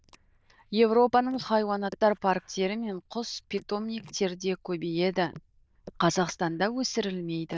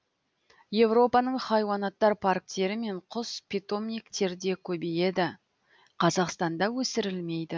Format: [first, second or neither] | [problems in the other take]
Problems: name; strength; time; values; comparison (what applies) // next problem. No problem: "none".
second | noise reduction (neural diffusion model UNIVERSE++)